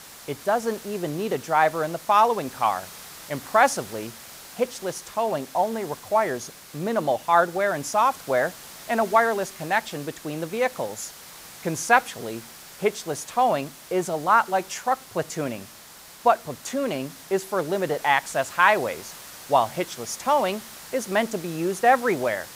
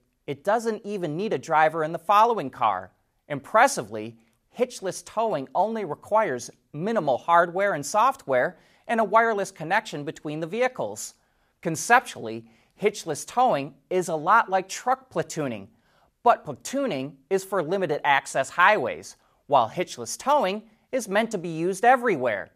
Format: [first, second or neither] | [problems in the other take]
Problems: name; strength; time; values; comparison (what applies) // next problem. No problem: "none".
second | hiss; noticeable; throughout; 15 dB below the speech